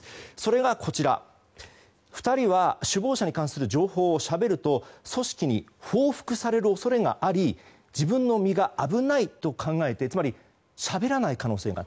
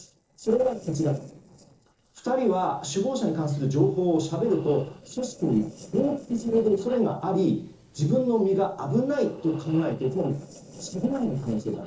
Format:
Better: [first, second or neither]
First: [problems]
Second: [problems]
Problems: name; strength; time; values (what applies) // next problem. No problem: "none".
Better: first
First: none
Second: noise reduction (neural separator model SepFormer DNS4)